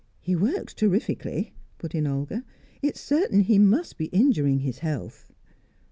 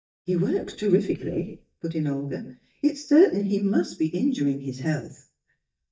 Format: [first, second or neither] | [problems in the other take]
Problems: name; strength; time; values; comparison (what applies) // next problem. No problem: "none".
first | noise reduction (neural mask model DeepFilterNet 3)